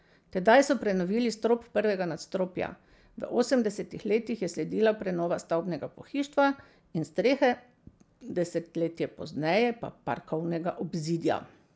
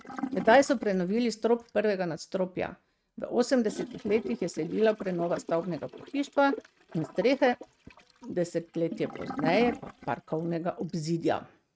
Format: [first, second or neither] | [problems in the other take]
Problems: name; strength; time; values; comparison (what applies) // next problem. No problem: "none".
first | noise reduction (neural mask model RNNoise)